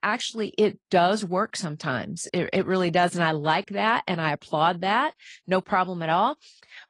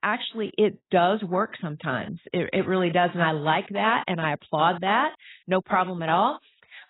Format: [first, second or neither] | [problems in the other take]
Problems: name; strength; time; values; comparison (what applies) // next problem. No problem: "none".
first | garbled, watery; badly; nothing above 4 kHz; slightly in the first